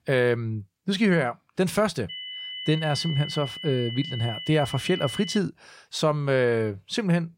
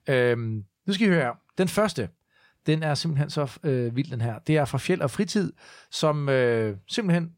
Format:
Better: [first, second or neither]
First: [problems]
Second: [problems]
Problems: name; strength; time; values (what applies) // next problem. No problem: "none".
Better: second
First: high-pitched whine; loud; from 2 to 5.5 s; 3 kHz, 8 dB below the speech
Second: none